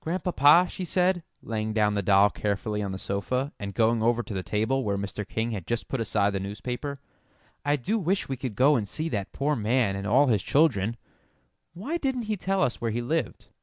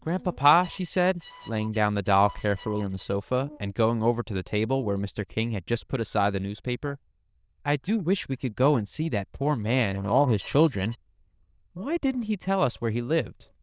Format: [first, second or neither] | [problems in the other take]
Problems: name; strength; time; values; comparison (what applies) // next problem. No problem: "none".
first | noise reduction (neural diffusion model UNIVERSE++)